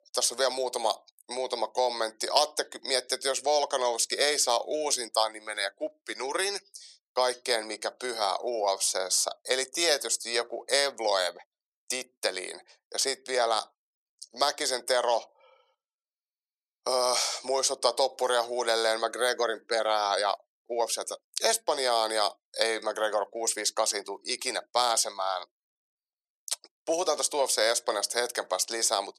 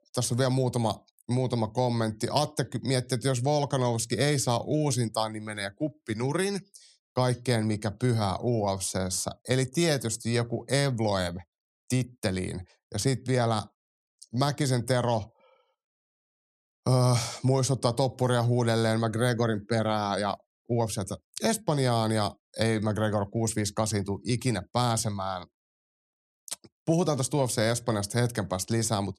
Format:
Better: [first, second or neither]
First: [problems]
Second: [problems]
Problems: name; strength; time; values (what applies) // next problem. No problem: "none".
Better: second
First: thin; very; fading below 450 Hz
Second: none